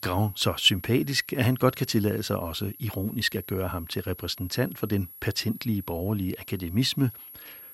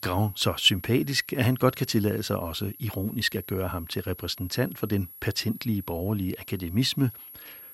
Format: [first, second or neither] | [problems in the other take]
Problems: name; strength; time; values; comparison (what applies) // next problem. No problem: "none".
neither | high-pitched whine; noticeable; throughout; 11.5 kHz, 15 dB below the speech; the same in both